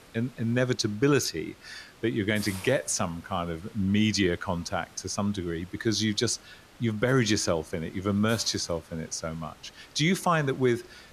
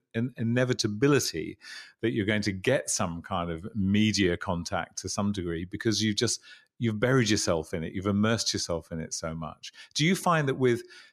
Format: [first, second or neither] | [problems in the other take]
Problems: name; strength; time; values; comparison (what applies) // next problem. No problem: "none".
second | hiss; faint; throughout; 20 dB below the speech